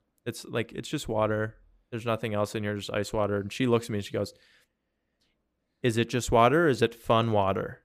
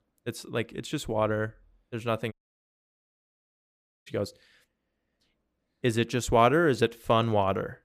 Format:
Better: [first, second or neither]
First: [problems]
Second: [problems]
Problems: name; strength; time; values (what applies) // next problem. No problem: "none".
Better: first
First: none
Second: audio cutting out; at 2.5 s for 1.5 s